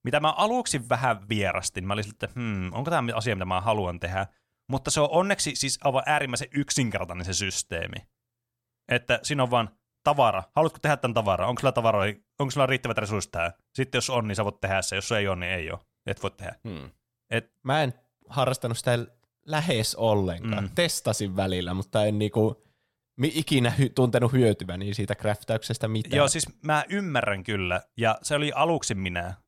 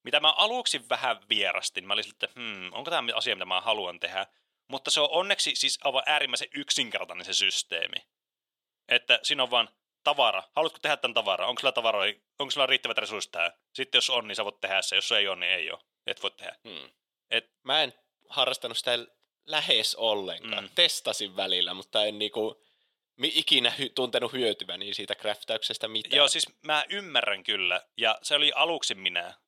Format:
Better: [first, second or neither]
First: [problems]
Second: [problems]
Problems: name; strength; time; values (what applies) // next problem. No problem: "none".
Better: first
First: none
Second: thin; somewhat; fading below 450 Hz